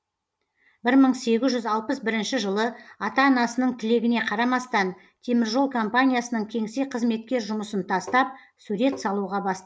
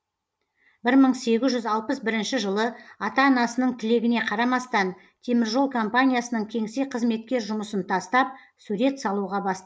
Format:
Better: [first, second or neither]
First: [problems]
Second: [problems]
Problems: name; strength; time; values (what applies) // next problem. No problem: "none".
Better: second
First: background sound (Tap); 16 dB below the speech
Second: none